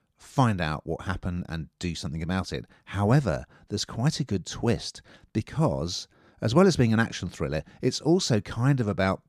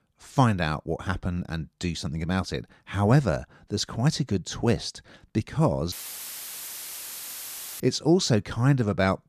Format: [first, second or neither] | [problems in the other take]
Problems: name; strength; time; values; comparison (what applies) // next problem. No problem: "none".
first | audio cutting out; filled with static; at 6 s for 2 s